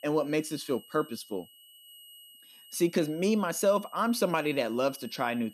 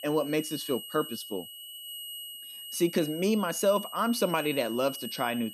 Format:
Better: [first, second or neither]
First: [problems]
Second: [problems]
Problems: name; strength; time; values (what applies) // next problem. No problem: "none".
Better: first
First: high-pitched whine; faint; throughout; 3 kHz, 20 dB below the speech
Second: high-pitched whine; loud; throughout; 3 kHz, 10 dB below the speech